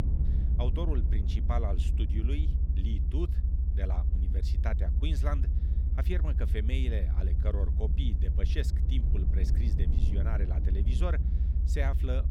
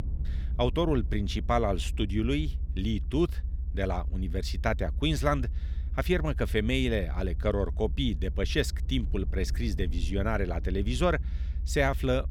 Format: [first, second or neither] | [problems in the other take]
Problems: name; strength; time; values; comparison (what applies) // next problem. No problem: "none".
second | low rumble; loud; throughout; 5 dB below the speech; faint in the second